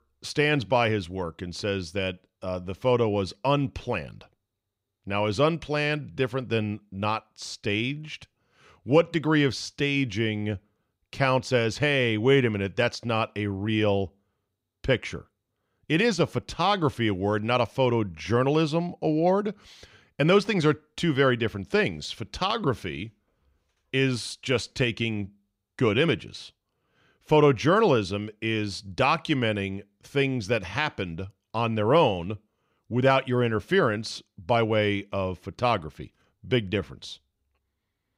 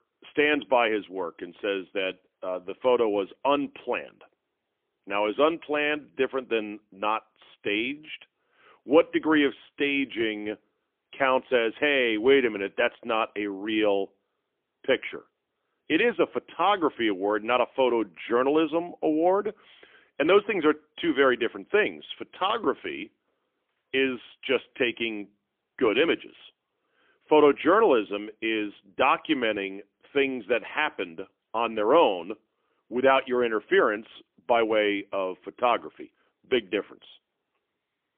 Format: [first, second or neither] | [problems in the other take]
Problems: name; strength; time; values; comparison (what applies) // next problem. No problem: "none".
first | phone-call audio; poor line; nothing above 3.5 kHz